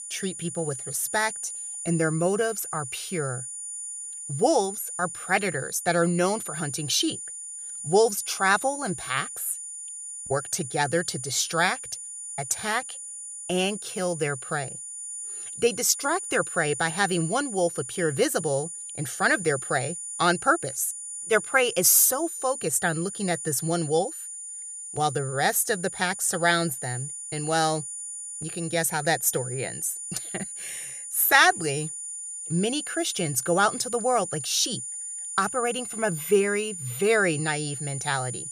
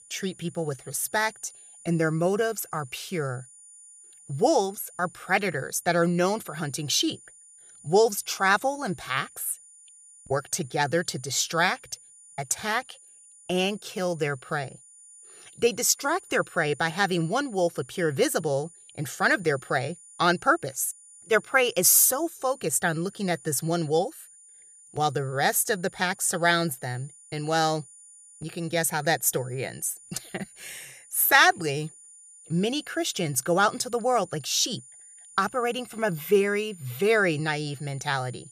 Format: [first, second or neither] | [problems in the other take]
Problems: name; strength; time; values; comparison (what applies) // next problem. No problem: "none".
second | high-pitched whine; loud; throughout; 9.5 kHz, 8 dB below the speech; faint in the second